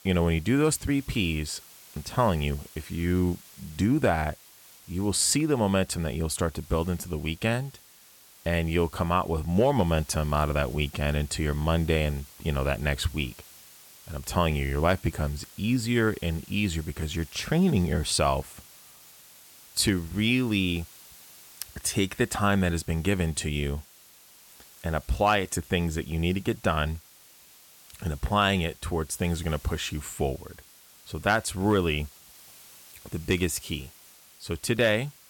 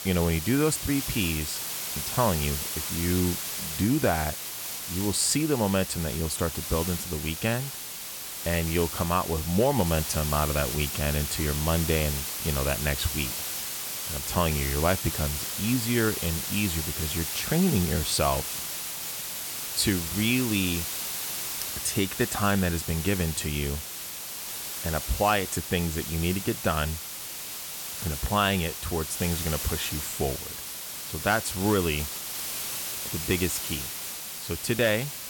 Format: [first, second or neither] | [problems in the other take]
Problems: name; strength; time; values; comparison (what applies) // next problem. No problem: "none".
first | hiss; loud; throughout; 4 dB below the speech; faint in the first